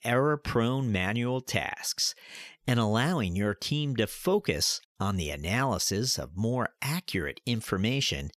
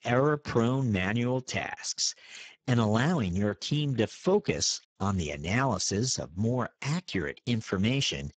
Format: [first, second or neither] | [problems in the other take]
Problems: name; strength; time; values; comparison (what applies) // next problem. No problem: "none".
first | garbled, watery; badly